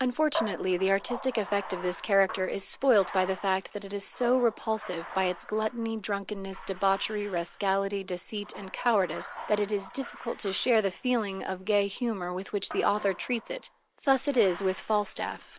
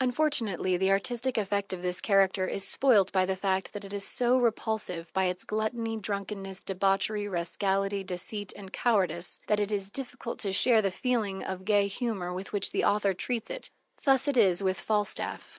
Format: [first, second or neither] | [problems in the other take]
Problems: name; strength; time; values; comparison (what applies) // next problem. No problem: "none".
second | background sound (Bathtub (filling or washing)); 14 dB below the speech